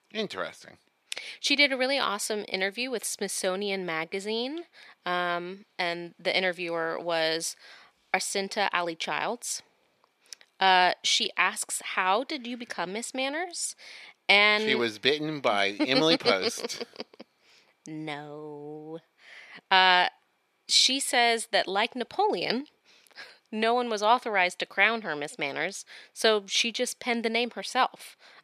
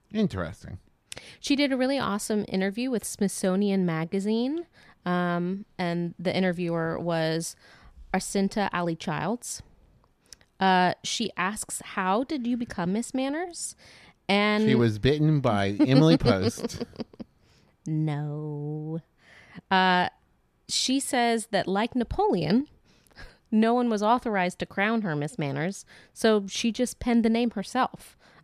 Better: second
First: thin; somewhat; fading below 450 Hz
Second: none

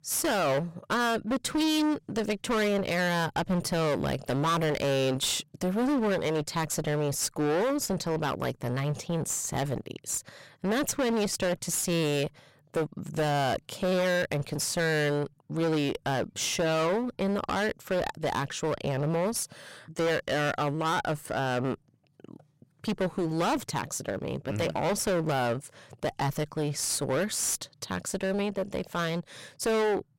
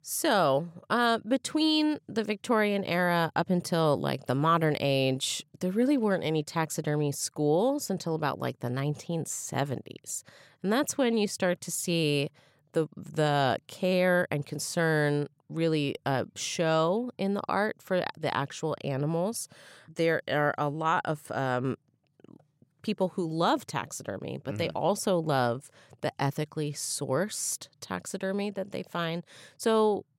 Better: second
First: distortion; heavy; 20% of the sound clipped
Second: none

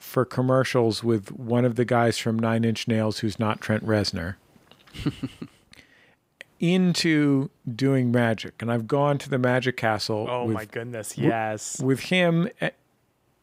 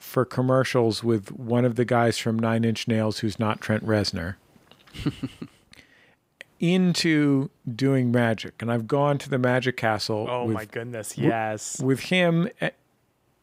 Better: neither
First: none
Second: none

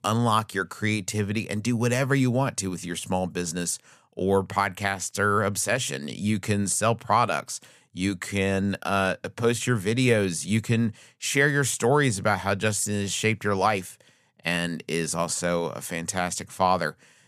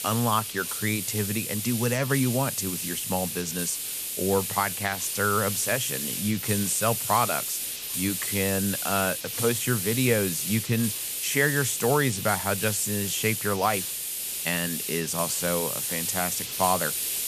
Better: first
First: none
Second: hiss; loud; throughout; 2 dB below the speech

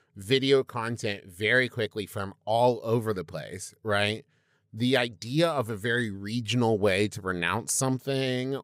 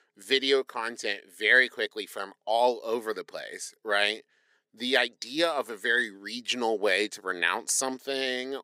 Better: first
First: none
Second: thin; somewhat; fading below 300 Hz

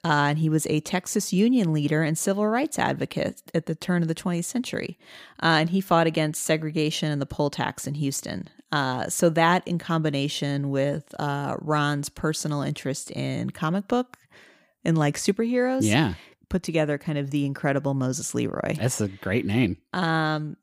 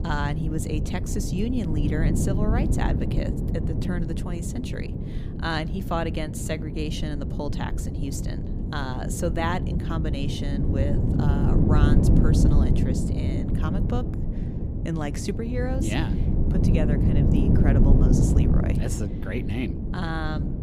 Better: first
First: none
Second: wind noise on the microphone; heavy; 1 dB below the speech

